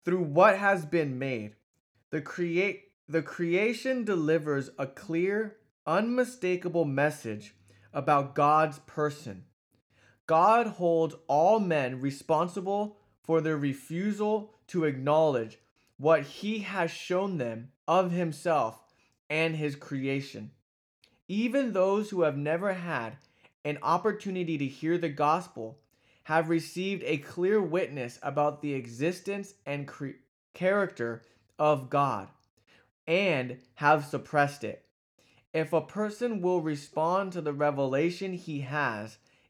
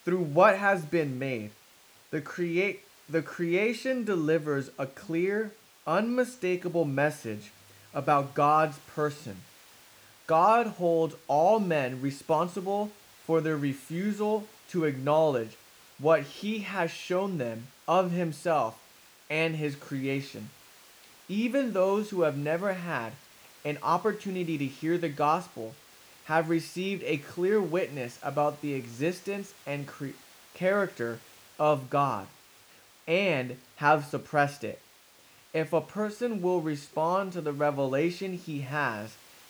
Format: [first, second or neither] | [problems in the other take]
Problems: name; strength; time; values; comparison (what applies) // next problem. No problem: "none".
first | hiss; faint; throughout; 25 dB below the speech